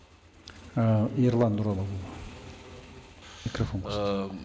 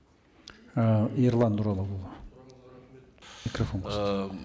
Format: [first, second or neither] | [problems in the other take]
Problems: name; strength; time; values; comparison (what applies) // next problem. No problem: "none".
second | background sound (Acoustic guitar / Strum + Motorcycle / Engine); 18 dB below the speech